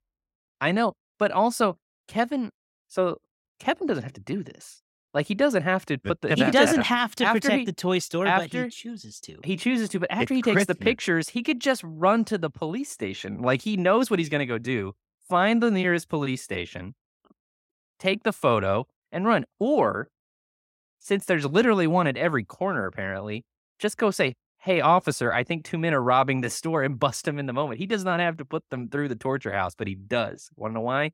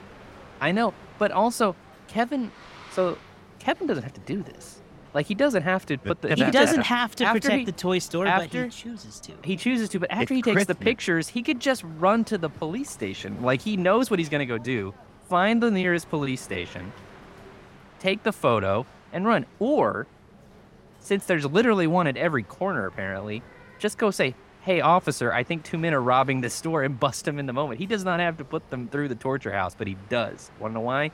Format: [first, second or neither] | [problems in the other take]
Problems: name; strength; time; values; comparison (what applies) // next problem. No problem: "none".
first | train or aircraft noise; faint; throughout; 25 dB below the speech